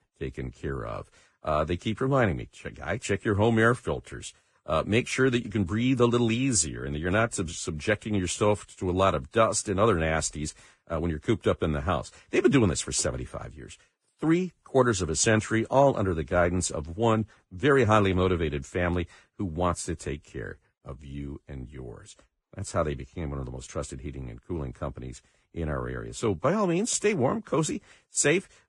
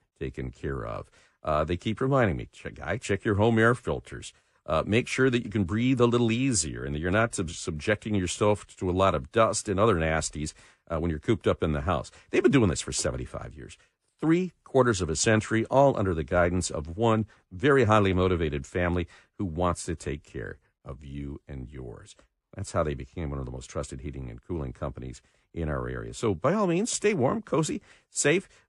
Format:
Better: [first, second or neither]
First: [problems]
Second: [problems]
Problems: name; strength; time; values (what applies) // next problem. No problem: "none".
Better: second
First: garbled, watery; badly; nothing above 8.5 kHz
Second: none